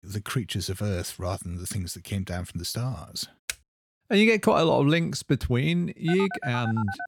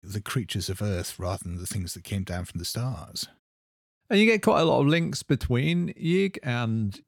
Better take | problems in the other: second | keyboard typing; very faint; at 3.5 s; peak 10 dB below the speech // phone ringing; noticeable; at 6 s; peak 8 dB below the speech

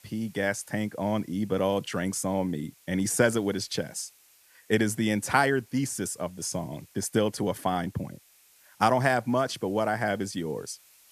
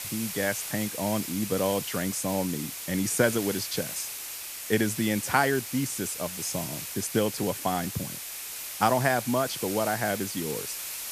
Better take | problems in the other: first | hiss; loud; throughout; 5 dB below the speech; faint in the first

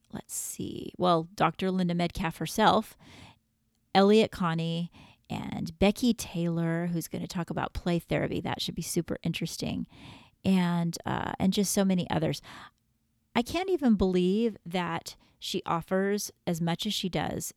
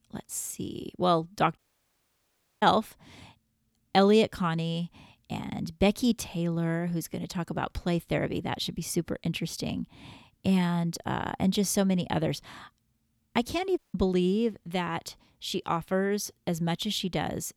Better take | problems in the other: first | audio cutting out; at 1.5 s for 1 s and at 14 s

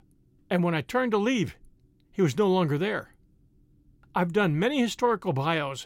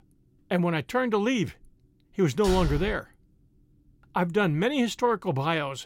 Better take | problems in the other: first | door banging; noticeable; at 2.5 s; peak 6 dB below the speech

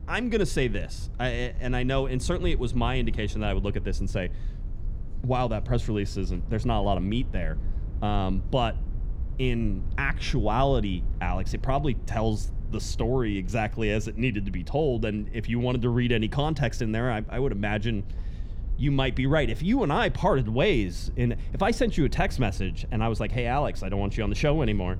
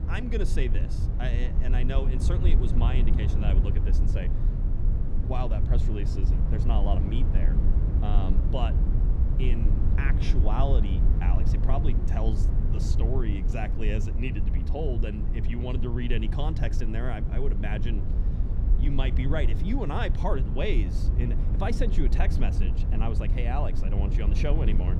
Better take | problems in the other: first | low rumble; loud; throughout; 6 dB below the speech; faint in the first

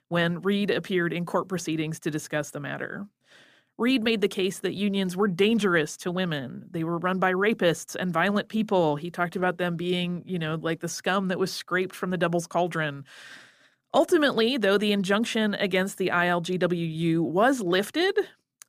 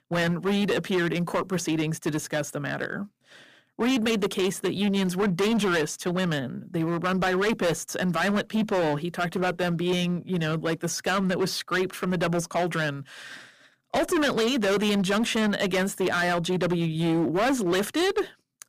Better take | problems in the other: first | distortion; heavy; 16% of the sound clipped

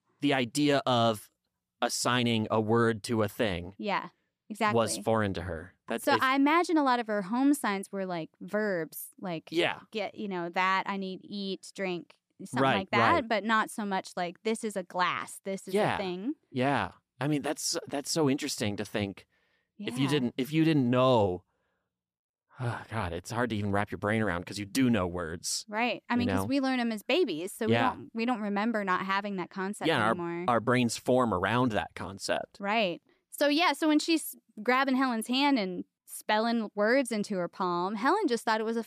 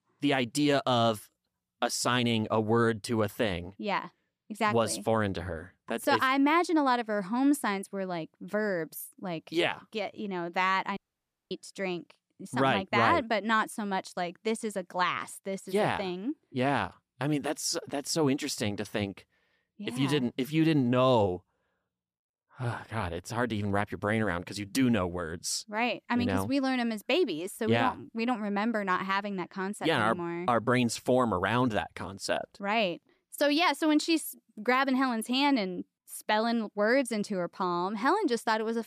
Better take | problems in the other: first | audio cutting out; at 11 s for 0.5 s

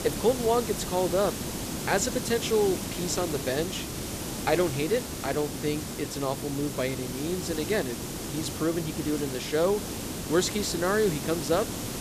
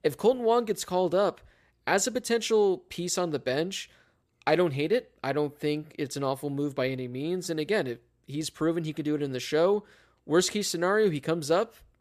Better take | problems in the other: second | hiss; loud; throughout; 5 dB below the speech

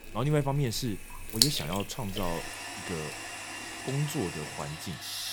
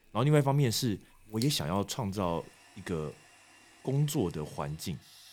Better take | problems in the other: second | household noises; loud; throughout; as loud as the speech; faint in the second

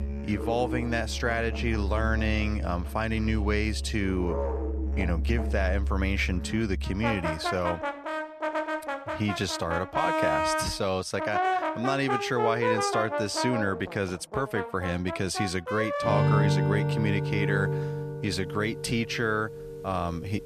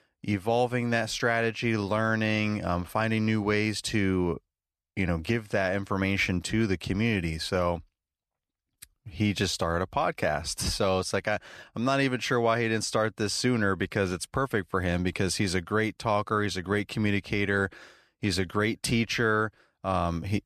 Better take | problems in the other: second | background music; loud; throughout; 1 dB below the speech

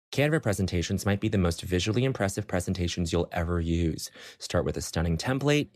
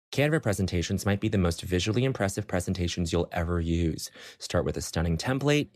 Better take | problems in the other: neither | none

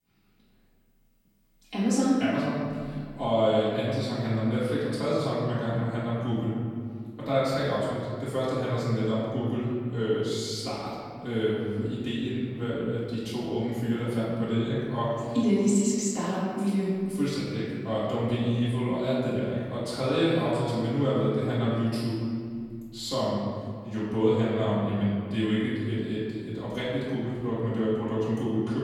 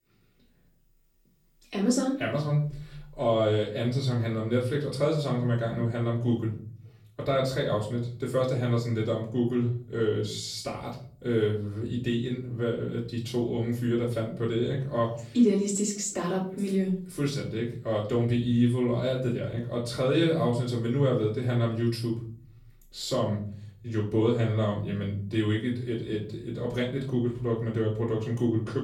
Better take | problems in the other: second | room echo; strong; dies away in 2 s; slight in the second // off-mic speech; far; far in the second

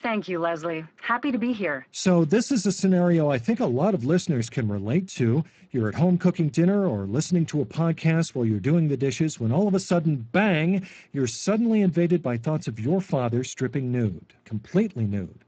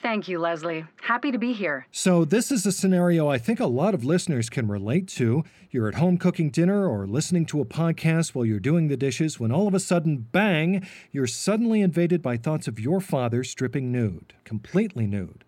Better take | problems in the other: second | garbled, watery; badly; nothing above 7.5 kHz

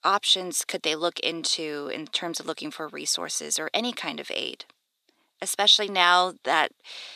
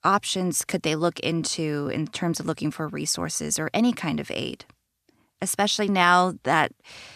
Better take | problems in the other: second | thin; somewhat; fading below 450 Hz

